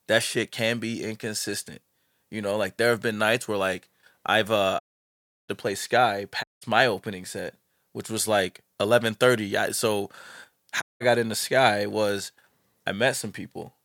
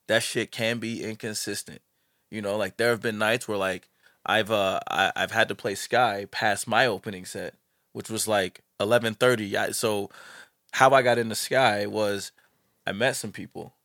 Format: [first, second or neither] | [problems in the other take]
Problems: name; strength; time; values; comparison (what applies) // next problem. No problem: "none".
second | audio cutting out; at 5 s for 0.5 s, at 6.5 s and at 11 s